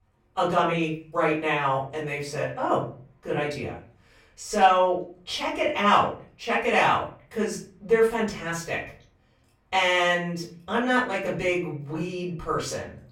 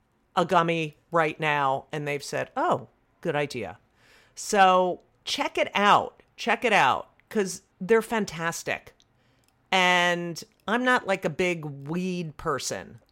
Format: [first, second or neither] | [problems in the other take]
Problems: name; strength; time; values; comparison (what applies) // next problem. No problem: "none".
second | off-mic speech; far // room echo; slight; dies away in 0.4 s